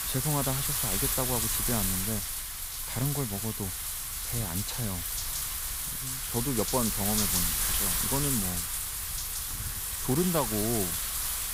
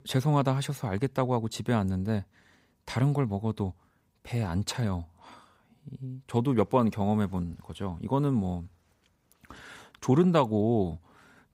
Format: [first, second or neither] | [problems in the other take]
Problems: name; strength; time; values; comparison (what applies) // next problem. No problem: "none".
second | wind noise on the microphone; heavy; 4 dB above the speech